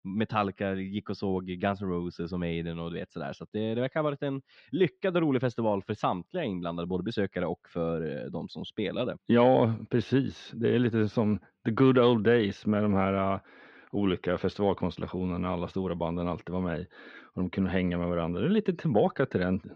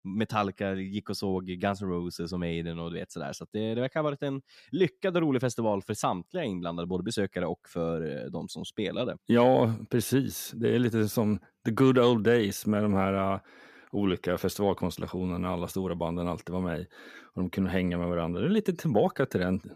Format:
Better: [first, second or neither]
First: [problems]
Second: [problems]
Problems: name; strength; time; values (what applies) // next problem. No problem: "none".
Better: second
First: muffled; slightly; fading above 4 kHz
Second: none